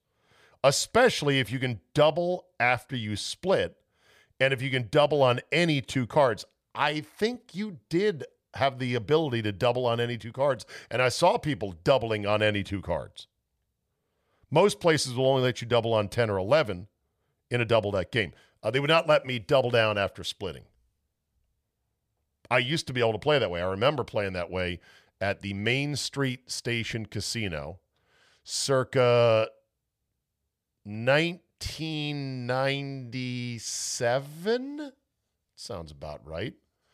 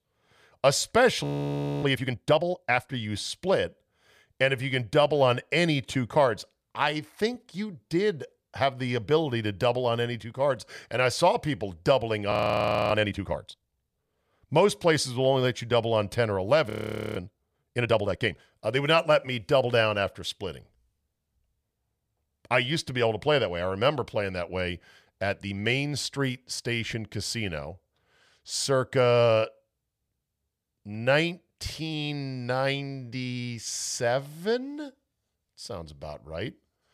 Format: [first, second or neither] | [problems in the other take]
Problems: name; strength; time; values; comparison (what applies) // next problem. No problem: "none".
first | audio freezing; at 1 s for 0.5 s, at 12 s for 0.5 s and at 17 s